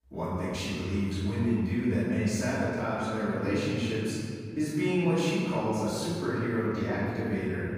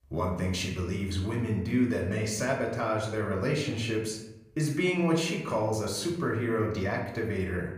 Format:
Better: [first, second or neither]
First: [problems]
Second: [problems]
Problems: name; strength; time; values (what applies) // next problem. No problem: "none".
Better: second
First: room echo; strong; dies away in 2.6 s // off-mic speech; far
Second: room echo; slight; dies away in 0.7 s // off-mic speech; far